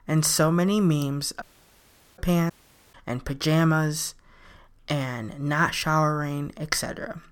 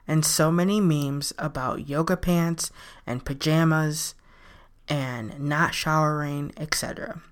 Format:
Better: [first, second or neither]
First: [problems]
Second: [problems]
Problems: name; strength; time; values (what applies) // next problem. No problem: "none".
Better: second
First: audio cutting out; at 1.5 s for 1 s and at 2.5 s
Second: none